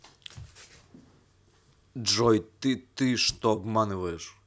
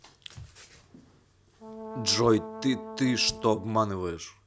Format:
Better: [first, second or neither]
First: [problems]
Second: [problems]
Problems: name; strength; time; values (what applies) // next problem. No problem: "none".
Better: first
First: none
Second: background sound (Brass instrument); 11 dB below the speech